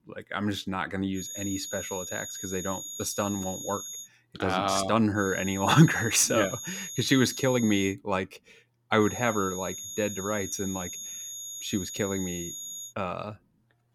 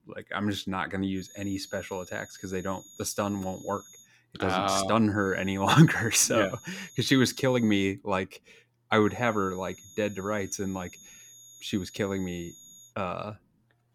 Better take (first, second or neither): second